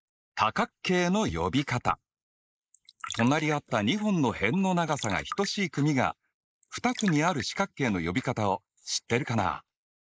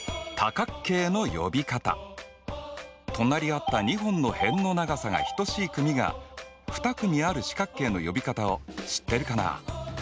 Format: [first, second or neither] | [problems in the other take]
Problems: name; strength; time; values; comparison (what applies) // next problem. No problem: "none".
second | noise reduction (neural mask model Resemble Enhance denoiser)